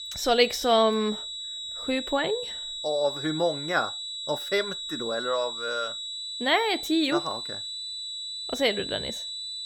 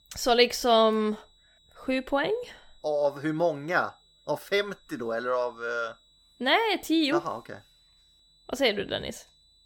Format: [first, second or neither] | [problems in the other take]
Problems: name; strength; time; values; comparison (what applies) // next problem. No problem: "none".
second | high-pitched whine; loud; throughout; 4 kHz, 6 dB below the speech; faint in the second